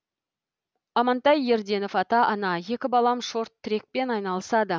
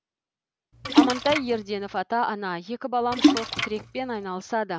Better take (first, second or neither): first